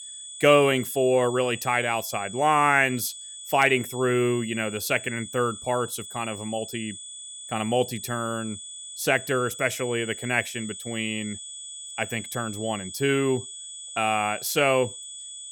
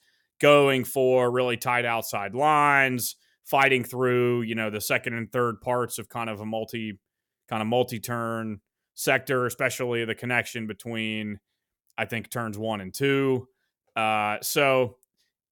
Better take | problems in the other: second | high-pitched whine; noticeable; throughout; 8 kHz, 10 dB below the speech

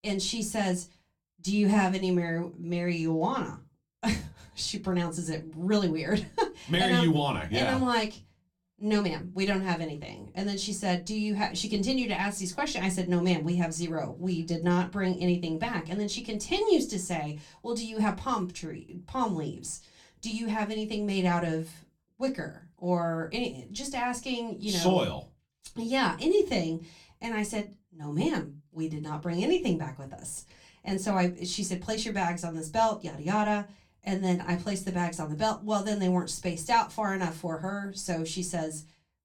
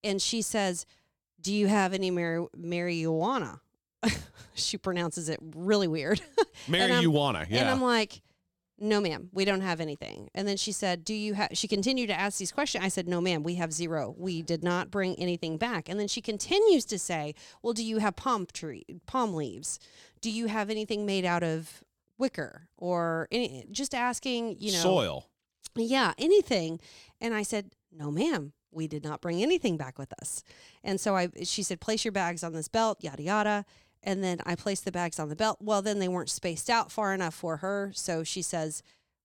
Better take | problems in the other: second | off-mic speech; somewhat distant // room echo; very slight; dies away in 0.2 s

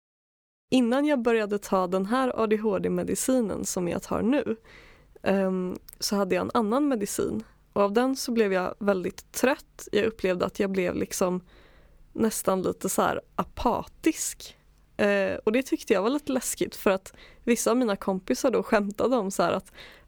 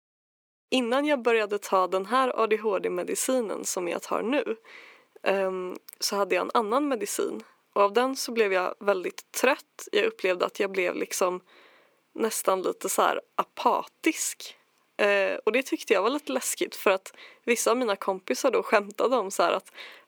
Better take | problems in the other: first | thin; somewhat; fading below 300 Hz

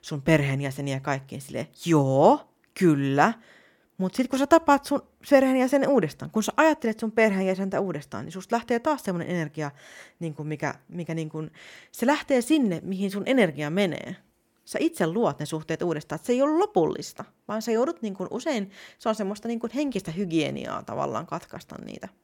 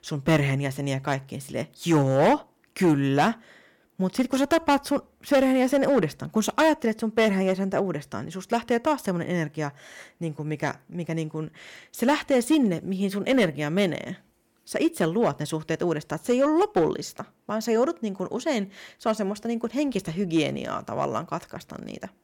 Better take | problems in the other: first | distortion; slight; 3% of the sound clipped

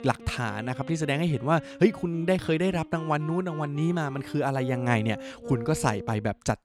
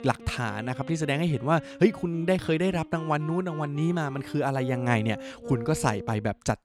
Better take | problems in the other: neither | background music; noticeable; throughout; 15 dB below the speech; the same in both

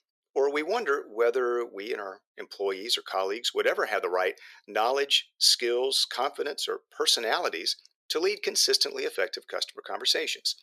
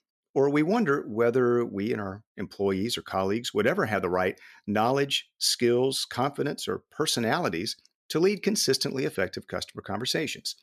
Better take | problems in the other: second | thin; very; fading below 450 Hz

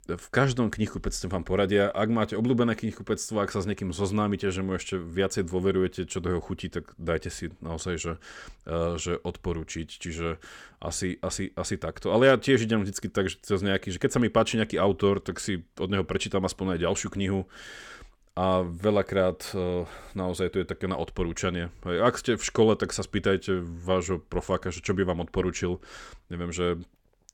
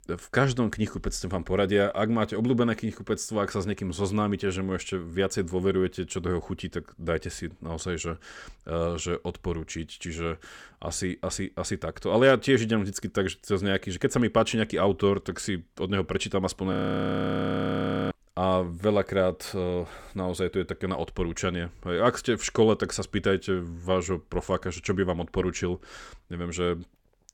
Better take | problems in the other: first | audio freezing; at 17 s for 1.5 s

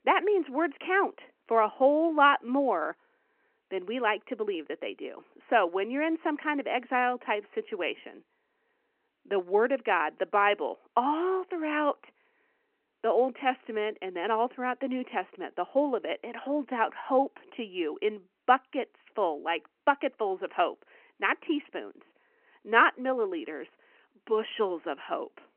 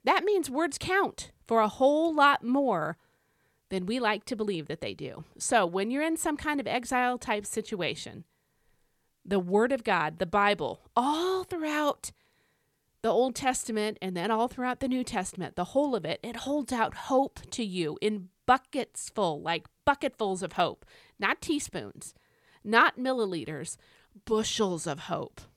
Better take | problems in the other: second | phone-call audio

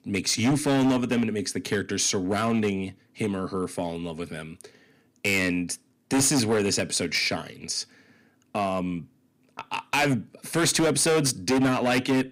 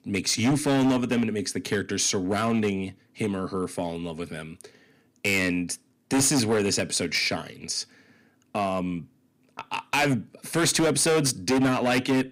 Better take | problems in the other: neither | distortion; heavy; 9% of the sound clipped; the same in both

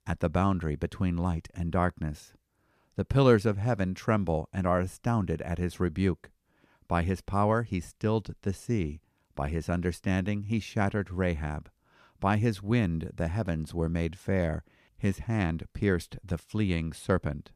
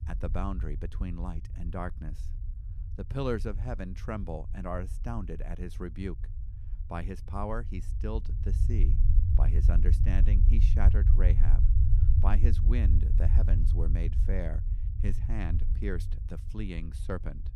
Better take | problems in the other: first | low rumble; loud; throughout; 7 dB below the speech

